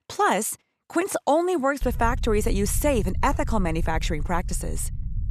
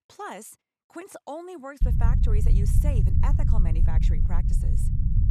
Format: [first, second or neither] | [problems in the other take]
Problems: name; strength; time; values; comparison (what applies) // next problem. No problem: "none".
first | low rumble; loud; from 2 s on; 2 dB below the speech; faint in the first